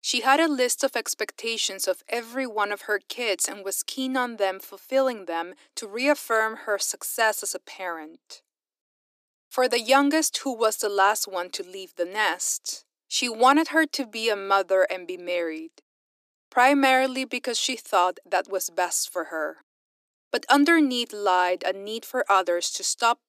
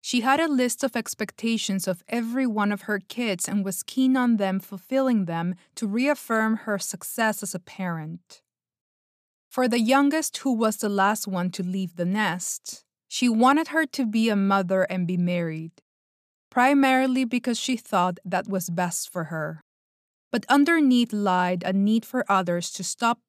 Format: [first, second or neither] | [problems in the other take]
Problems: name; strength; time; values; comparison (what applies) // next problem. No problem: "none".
second | thin; somewhat; fading below 300 Hz